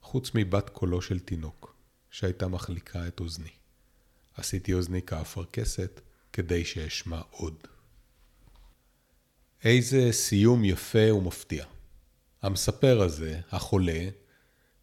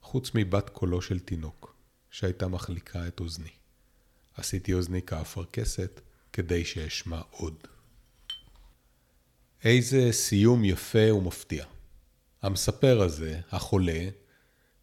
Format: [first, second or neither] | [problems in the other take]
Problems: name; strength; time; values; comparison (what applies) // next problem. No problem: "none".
first | clattering dishes; faint; from 7 to 8.5 s; peak 10 dB below the speech